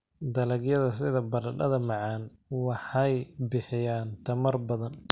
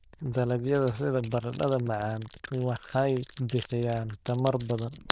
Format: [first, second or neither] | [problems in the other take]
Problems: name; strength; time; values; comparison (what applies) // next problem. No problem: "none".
first | noise reduction (neural diffusion model UNIVERSE++)